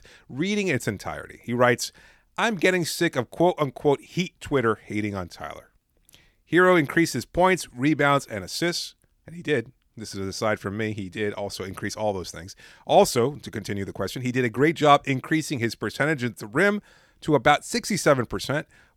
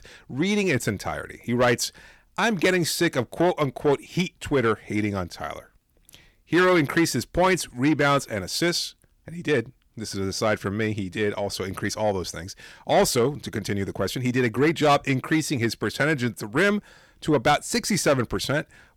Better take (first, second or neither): first